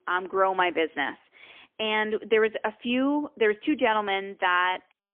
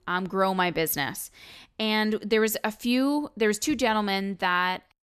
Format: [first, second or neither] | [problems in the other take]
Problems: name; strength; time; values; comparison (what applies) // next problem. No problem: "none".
second | phone-call audio; poor line; nothing above 3.5 kHz